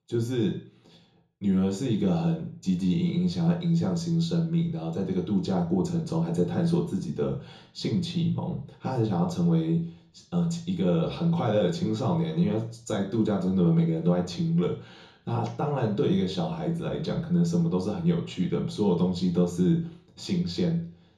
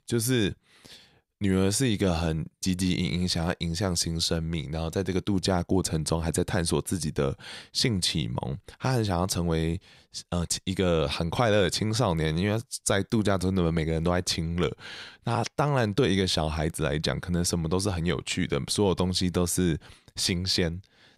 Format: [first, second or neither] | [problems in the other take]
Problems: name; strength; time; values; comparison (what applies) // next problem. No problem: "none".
second | room echo; slight; dies away in 0.7 s // off-mic speech; far